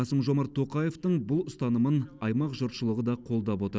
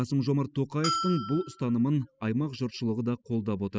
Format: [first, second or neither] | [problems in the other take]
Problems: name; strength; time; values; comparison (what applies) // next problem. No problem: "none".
first | noise reduction (classical method spectral subtraction)